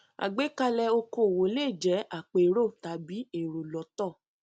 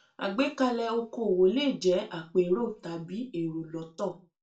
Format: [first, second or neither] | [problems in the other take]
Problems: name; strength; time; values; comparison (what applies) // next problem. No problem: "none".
first | room echo; dies away in 0.3 s